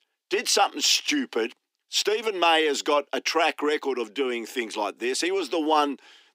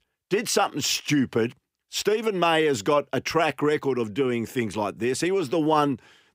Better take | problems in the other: second | thin; very slightly; fading below 250 Hz

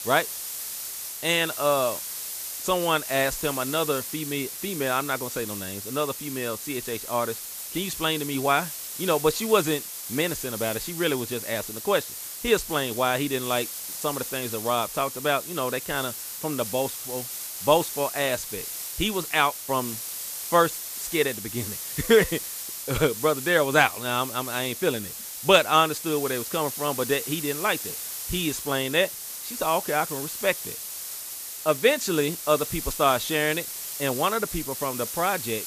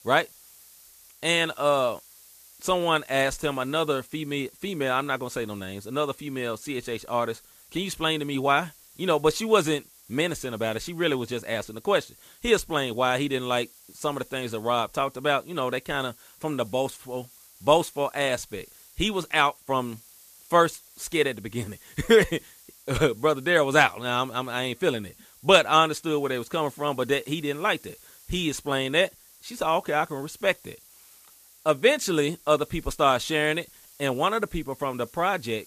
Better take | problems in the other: second | hiss; loud; throughout; 6 dB below the speech; faint in the second

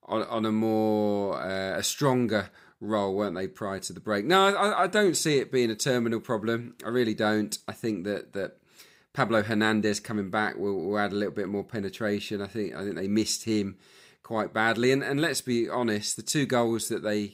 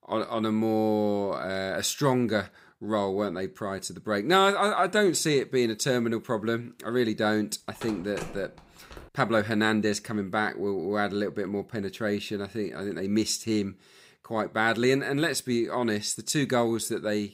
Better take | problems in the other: first | phone ringing; faint; from 8 to 9 s; peak 10 dB below the speech

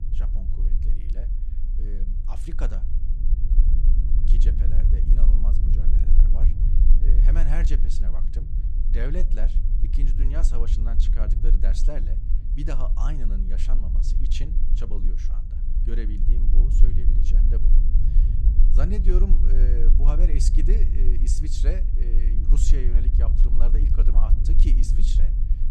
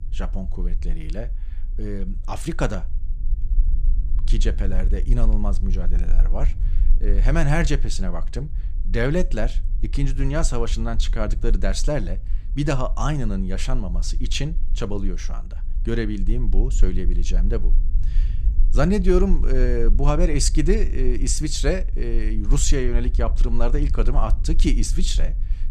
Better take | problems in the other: second | low rumble; loud; throughout; 5 dB below the speech; faint in the second

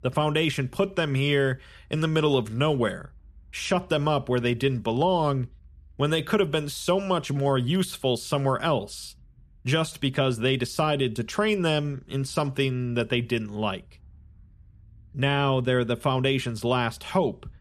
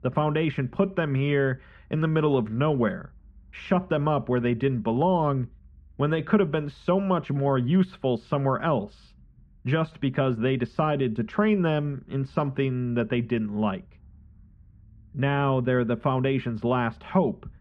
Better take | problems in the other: first | muffled; very; fading above 1.5 kHz

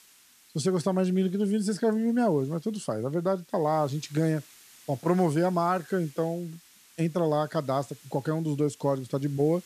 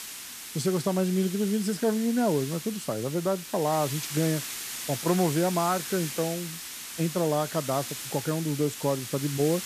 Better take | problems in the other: first | hiss; loud; throughout; 7 dB below the speech; faint in the first

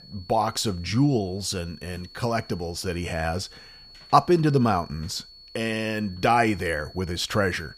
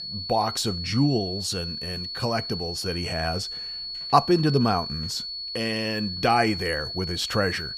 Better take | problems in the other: first | high-pitched whine; loud; throughout; 4.5 kHz, 5 dB below the speech; faint in the first

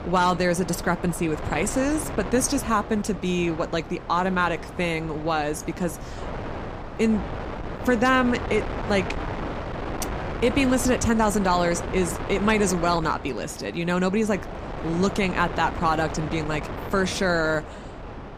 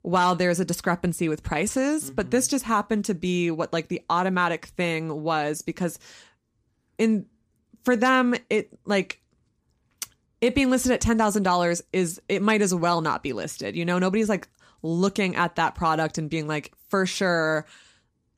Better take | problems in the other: second | wind noise on the microphone; heavy; 10 dB below the speech

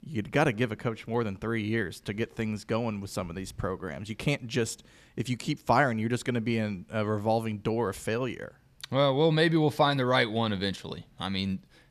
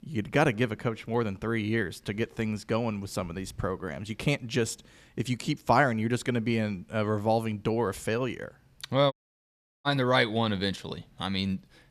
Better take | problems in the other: first | audio cutting out; at 9 s for 0.5 s

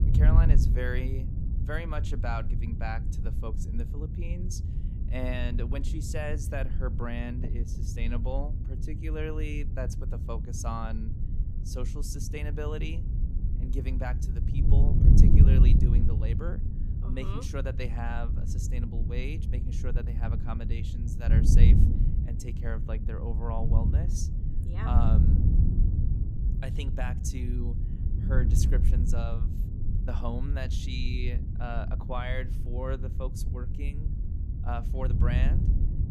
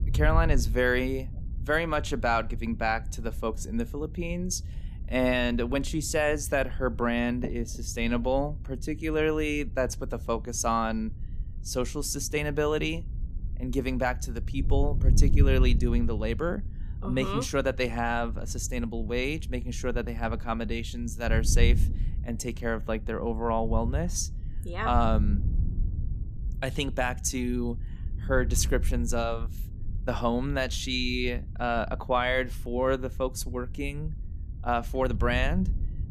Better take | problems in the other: second | wind noise on the microphone; heavy; 4 dB below the speech; occasional gusts in the second

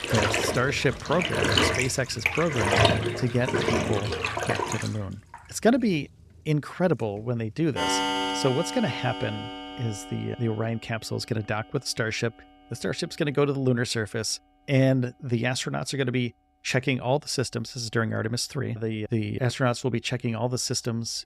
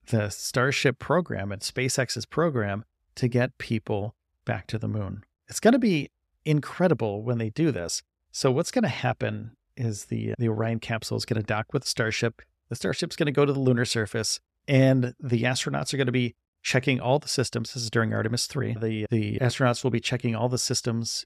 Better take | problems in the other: second | household noises; very loud; throughout; 1 dB above the speech

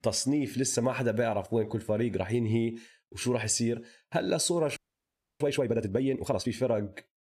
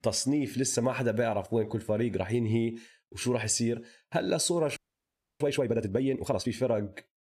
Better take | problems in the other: neither | audio freezing; at 5 s for 0.5 s; the same in both

